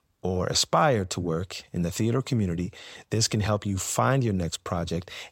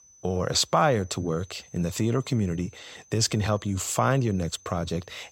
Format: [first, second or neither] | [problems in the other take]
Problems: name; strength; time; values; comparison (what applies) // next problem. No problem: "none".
first | high-pitched whine; faint; throughout; 6 kHz, 25 dB below the speech